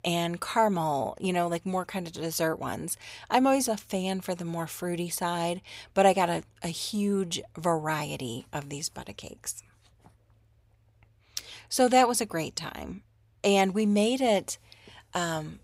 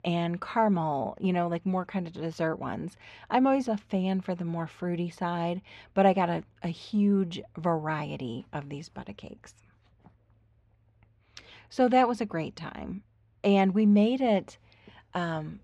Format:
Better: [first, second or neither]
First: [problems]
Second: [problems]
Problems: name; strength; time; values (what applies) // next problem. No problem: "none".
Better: first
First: none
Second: muffled; slightly; fading above 2.5 kHz